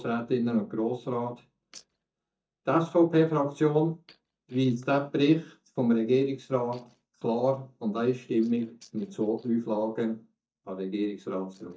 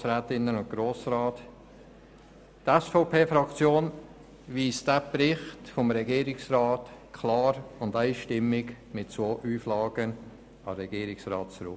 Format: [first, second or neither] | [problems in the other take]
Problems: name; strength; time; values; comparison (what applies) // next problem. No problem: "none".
second | noise reduction (neural mask model DeepFilterNet 3)